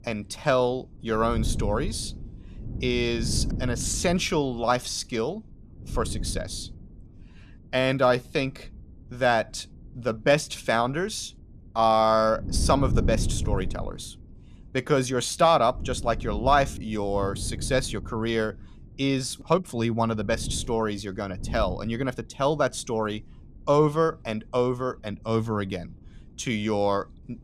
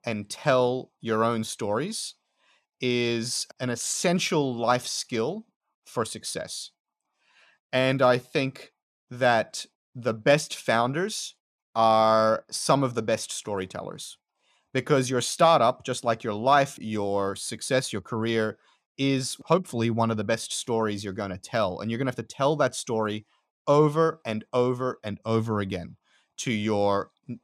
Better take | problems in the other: second | wind noise on the microphone; occasional gusts; 20 dB below the speech

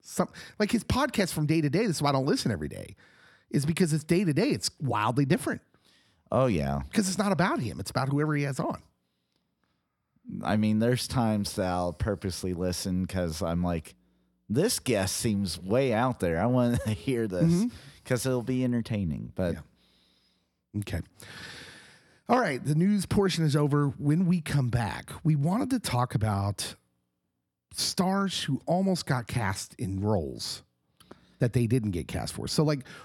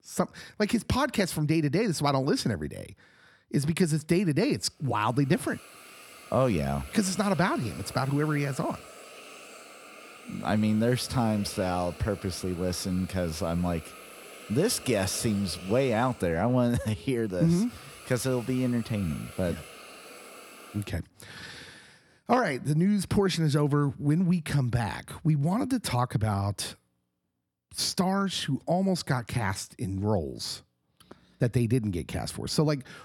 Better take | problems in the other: first | hiss; noticeable; from 4.5 to 21 s; 20 dB below the speech

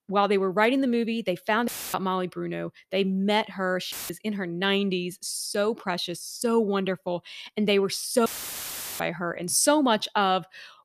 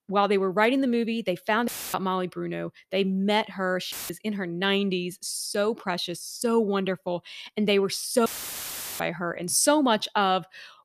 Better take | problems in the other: neither | audio cutting out; filled with static; at 1.5 s, at 4 s and at 8.5 s for 0.5 s; the same in both

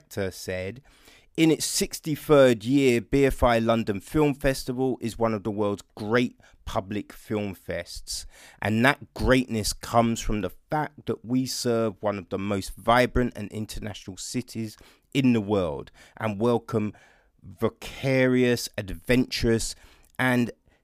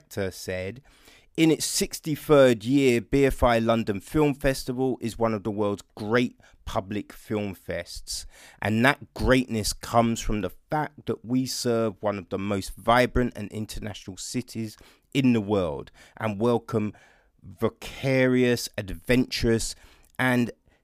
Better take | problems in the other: neither | none

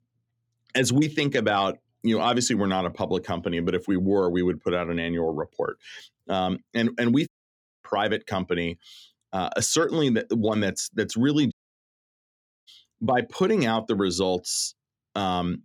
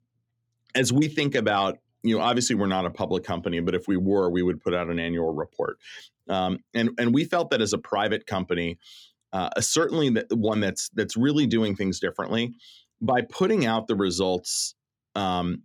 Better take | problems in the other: second | audio cutting out; at 7.5 s for 0.5 s and at 12 s for 1 s

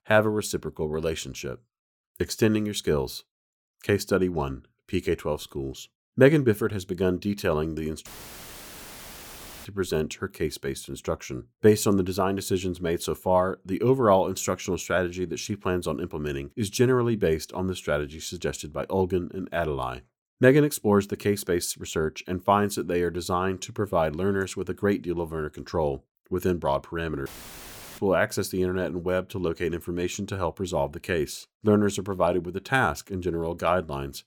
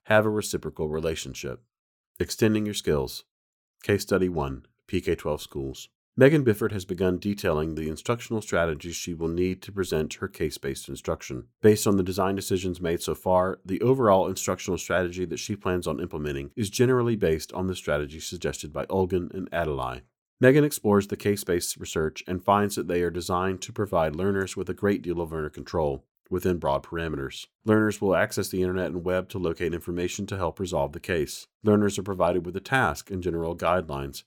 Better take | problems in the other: second | audio cutting out; filled with static; at 8 s for 1.5 s and at 27 s for 0.5 s

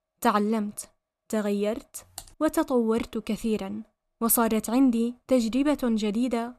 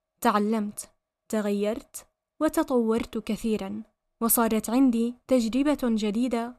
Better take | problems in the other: second | keyboard typing; faint; at 2 s; peak 20 dB below the speech

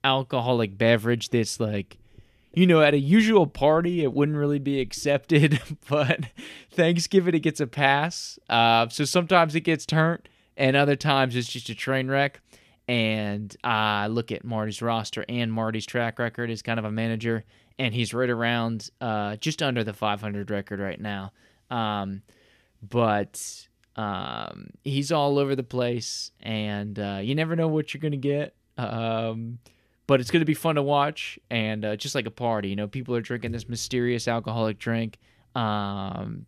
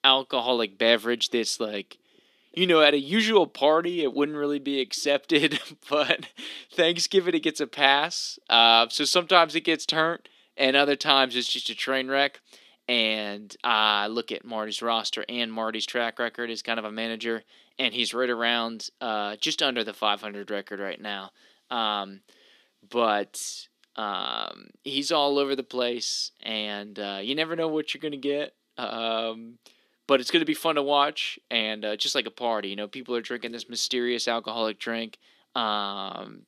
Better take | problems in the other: first | thin; somewhat; fading below 250 Hz

